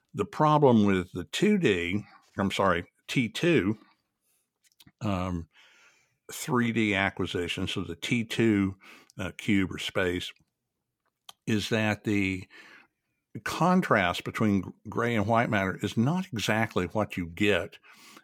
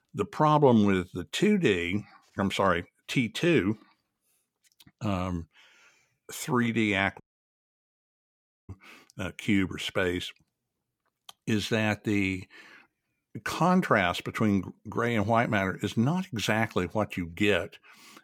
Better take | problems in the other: first | audio cutting out; at 7 s for 1.5 s

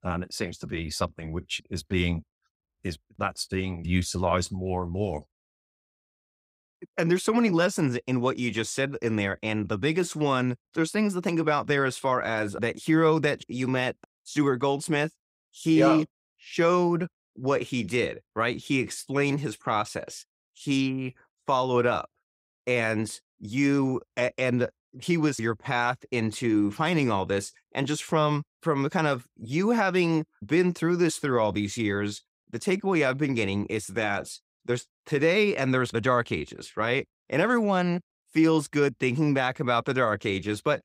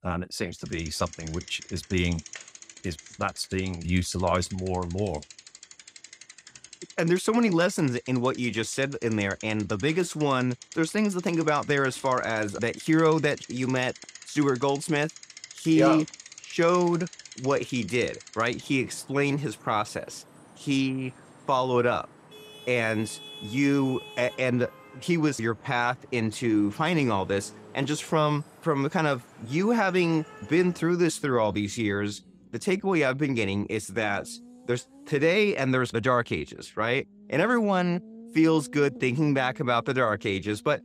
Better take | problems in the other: first | traffic noise; noticeable; throughout; 20 dB below the speech

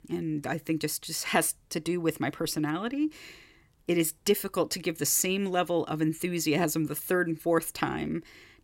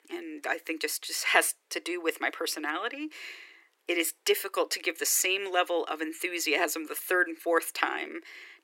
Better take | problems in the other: first | thin; very; fading below 350 Hz

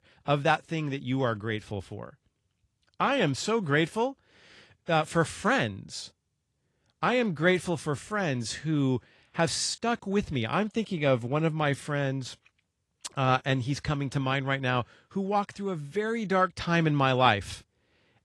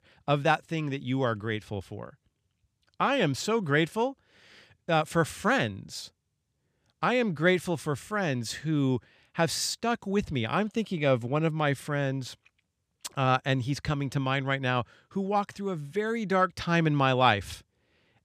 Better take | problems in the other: second | garbled, watery; slightly

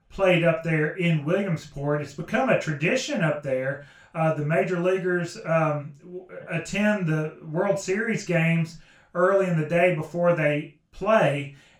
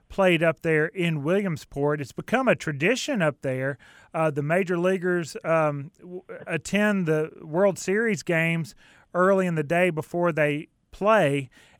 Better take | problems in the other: second | room echo; slight; dies away in 0.3 s // off-mic speech; far

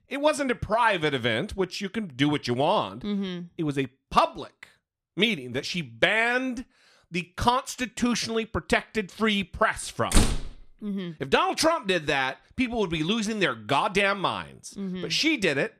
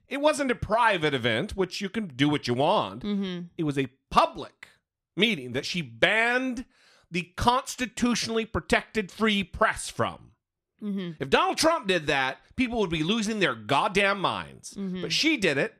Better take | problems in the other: second | door banging; loud; at 10 s; peak 1 dB above the speech

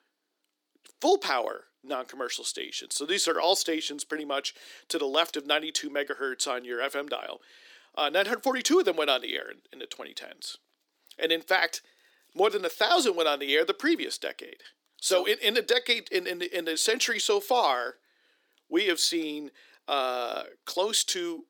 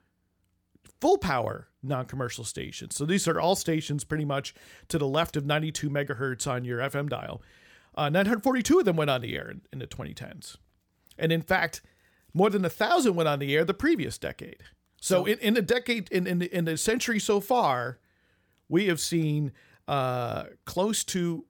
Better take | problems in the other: second | thin; somewhat; fading below 300 Hz

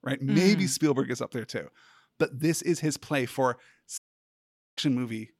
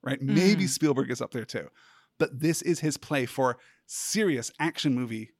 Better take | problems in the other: second | audio cutting out; at 4 s for 1 s

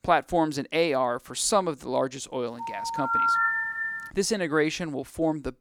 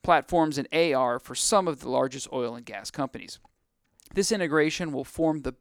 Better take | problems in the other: second | phone ringing; loud; from 2.5 to 4 s; peak 5 dB above the speech

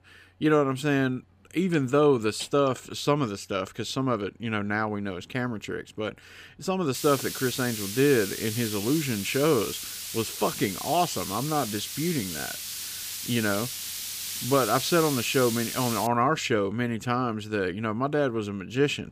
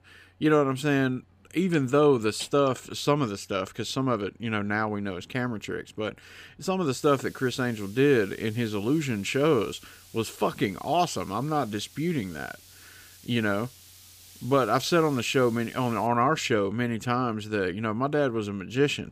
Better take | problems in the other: second | hiss; loud; from 7 to 16 s; 6 dB below the speech; faint in the second

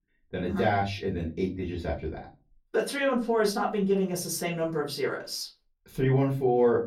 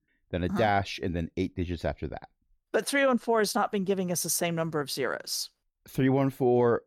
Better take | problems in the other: second | off-mic speech; far // room echo; very slight; dies away in 0.3 s

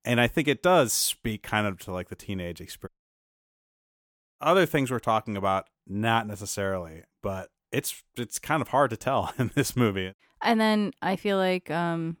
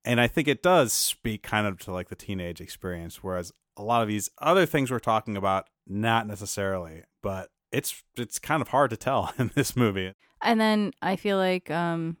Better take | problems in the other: second | audio cutting out; at 3 s for 1.5 s

